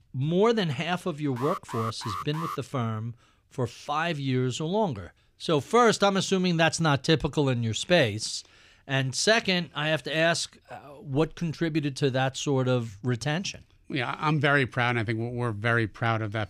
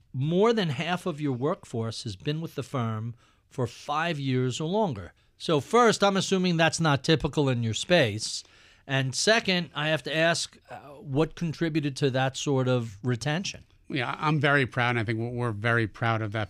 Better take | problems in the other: second | alarm; noticeable; from 1.5 to 2.5 s; peak 8 dB below the speech

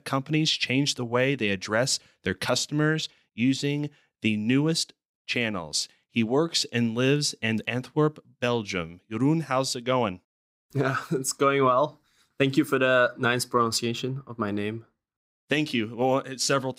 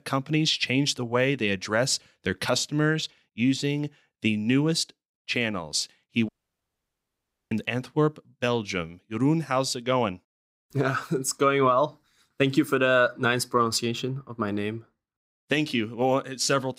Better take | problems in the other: first | audio cutting out; at 6.5 s for 1 s

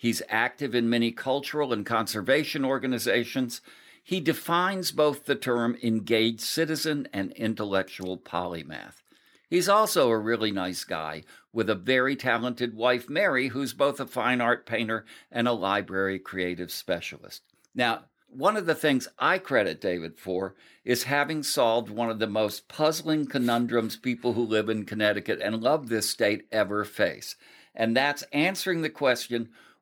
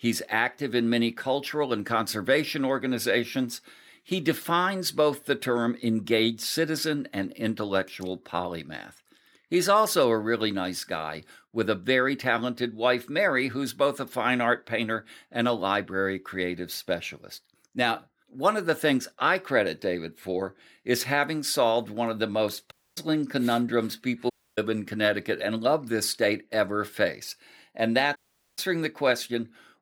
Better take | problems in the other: first | audio cutting out; at 23 s, at 24 s and at 28 s

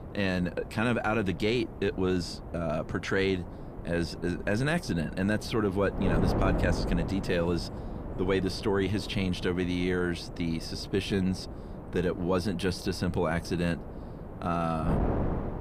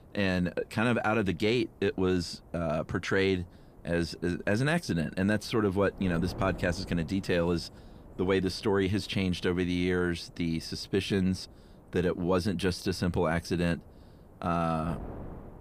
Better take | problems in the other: second | wind noise on the microphone; heavy; 10 dB below the speech; occasional gusts in the second

